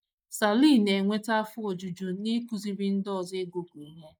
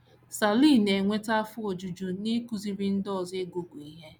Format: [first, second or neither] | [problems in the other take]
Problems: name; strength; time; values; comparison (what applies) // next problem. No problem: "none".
second | noise reduction (neural mask model Resemble Enhance denoiser)